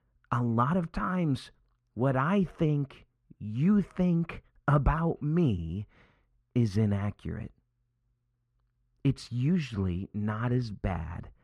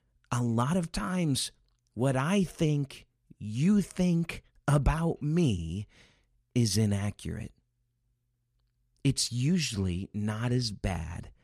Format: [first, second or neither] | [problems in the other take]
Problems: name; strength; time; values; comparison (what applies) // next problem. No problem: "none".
second | muffled; very; fading above 3.5 kHz